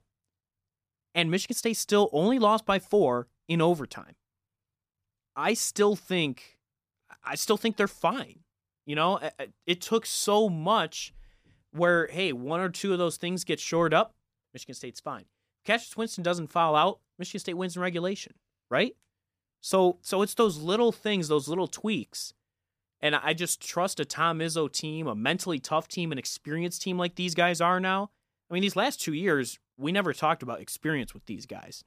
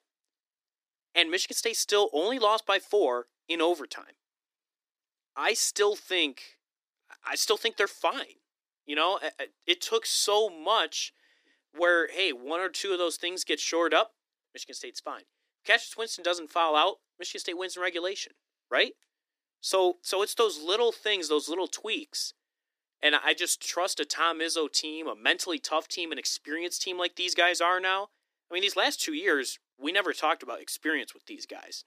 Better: first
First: none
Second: thin; somewhat; fading below 300 Hz

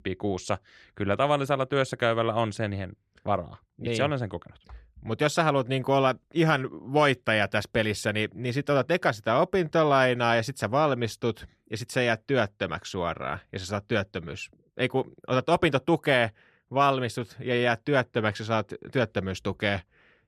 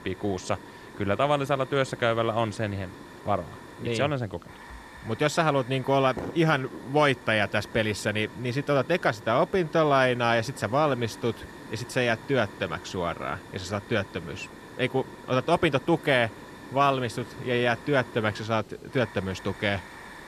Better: first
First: none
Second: hiss; noticeable; throughout; 15 dB below the speech

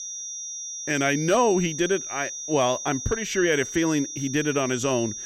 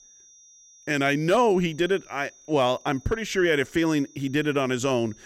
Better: second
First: high-pitched whine; loud; throughout; 5.5 kHz, 8 dB below the speech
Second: high-pitched whine; faint; throughout; 5.5 kHz, 25 dB below the speech

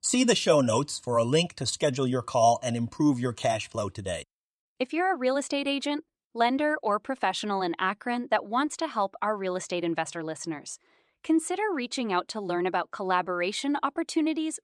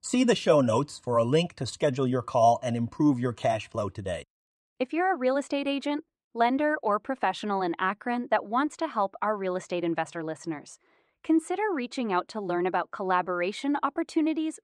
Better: first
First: none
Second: muffled; slightly; fading above 3 kHz

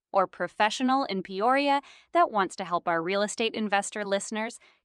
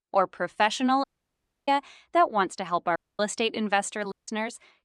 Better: first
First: none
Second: audio cutting out; at 1 s for 0.5 s, at 3 s and at 4 s

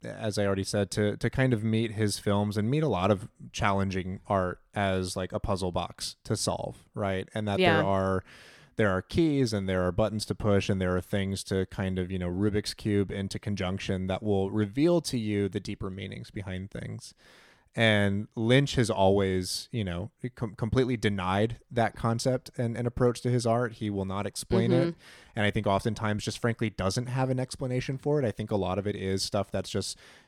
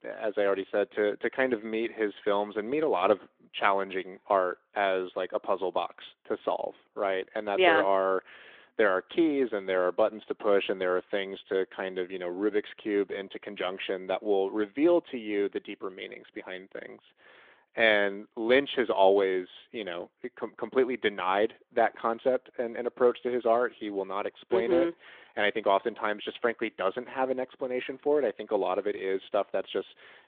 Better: first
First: none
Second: phone-call audio; nothing above 3.5 kHz

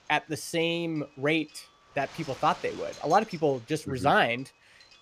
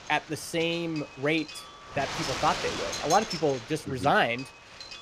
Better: first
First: wind noise on the microphone; occasional gusts; 20 dB below the speech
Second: wind noise on the microphone; heavy; 8 dB below the speech

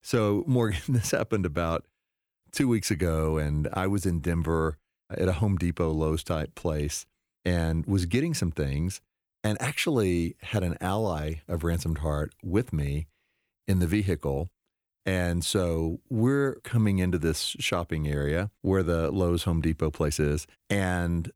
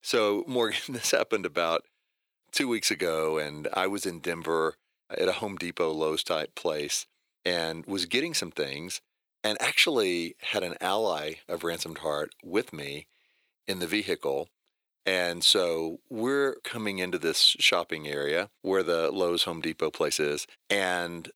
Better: first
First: none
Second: thin; somewhat; fading below 450 Hz

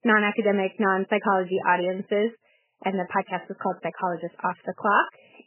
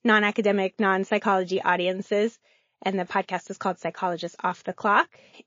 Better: second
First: garbled, watery; badly; nothing above 3 kHz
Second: garbled, watery; slightly

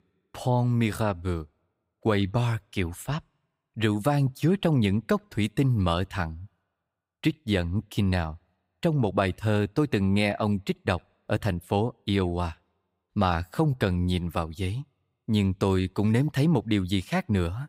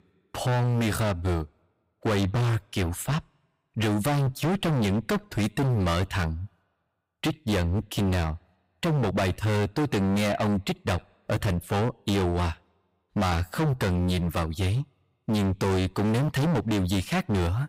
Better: first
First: none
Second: distortion; heavy; 27% of the sound clipped

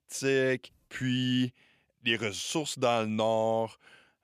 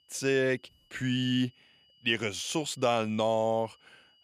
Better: first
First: none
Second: high-pitched whine; faint; throughout; 3 kHz, 35 dB below the speech

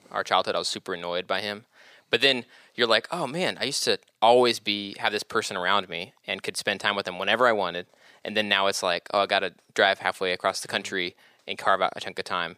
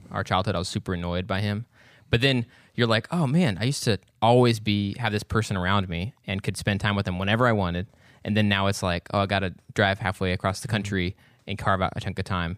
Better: second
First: thin; very; fading below 450 Hz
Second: none

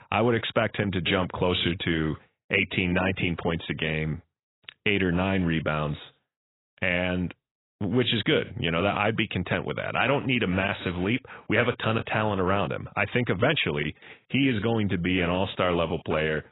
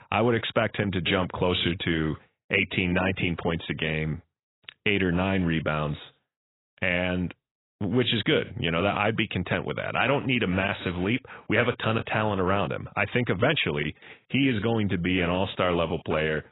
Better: neither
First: garbled, watery; badly; nothing above 4 kHz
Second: garbled, watery; badly; nothing above 4 kHz

